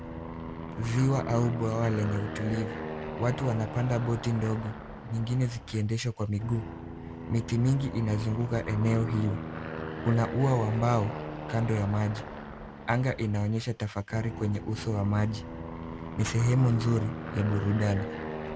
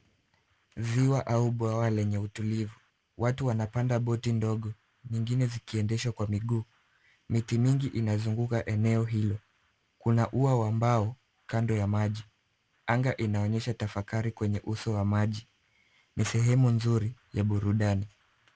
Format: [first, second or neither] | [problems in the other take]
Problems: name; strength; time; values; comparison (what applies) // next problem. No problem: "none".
second | background sound (Aircraft); 9 dB below the speech